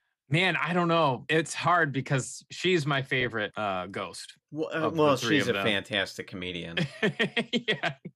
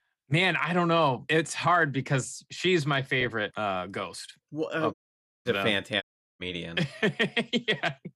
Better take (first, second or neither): first